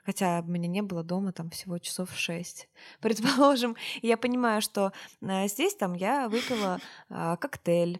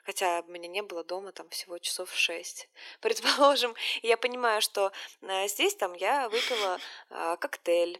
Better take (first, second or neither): first